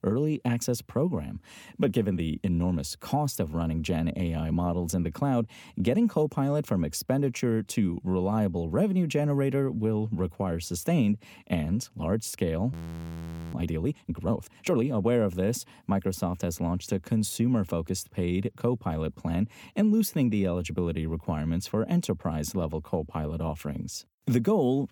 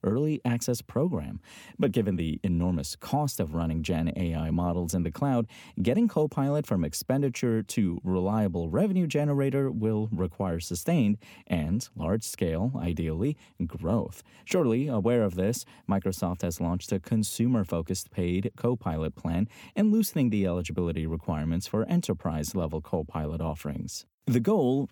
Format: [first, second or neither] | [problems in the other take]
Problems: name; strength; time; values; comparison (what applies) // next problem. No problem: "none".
second | audio freezing; at 13 s for 1 s